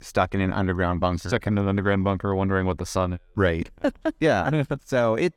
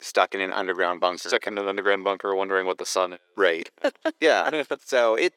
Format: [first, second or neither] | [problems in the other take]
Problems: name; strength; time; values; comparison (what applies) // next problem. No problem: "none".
first | thin; very; fading below 400 Hz